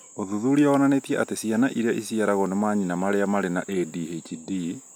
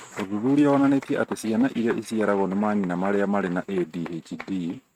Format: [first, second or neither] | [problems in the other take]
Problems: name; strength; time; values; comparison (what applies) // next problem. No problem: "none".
first | noise reduction (neural mask model RNNoise)